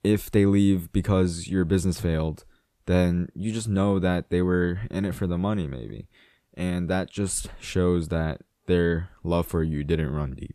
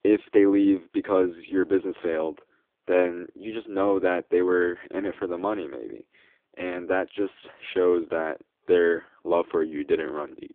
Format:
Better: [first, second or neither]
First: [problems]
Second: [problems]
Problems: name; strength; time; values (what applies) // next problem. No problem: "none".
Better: first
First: none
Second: phone-call audio; poor line